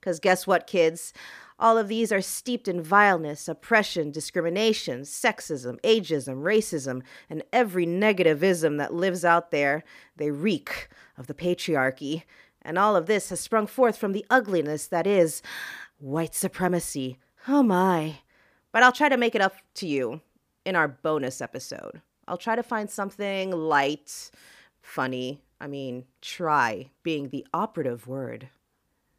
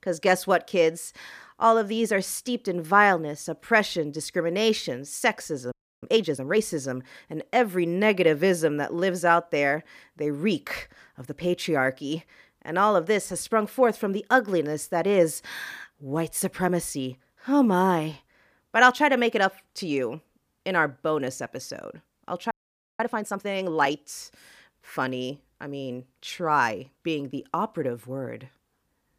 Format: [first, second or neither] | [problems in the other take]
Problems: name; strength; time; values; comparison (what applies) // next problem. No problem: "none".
first | audio freezing; at 5.5 s and at 23 s